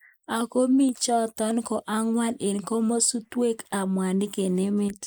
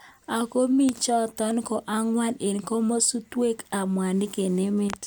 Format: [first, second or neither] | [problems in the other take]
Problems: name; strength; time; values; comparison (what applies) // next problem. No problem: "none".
second | noise reduction (neural mask model Resemble Enhance denoiser)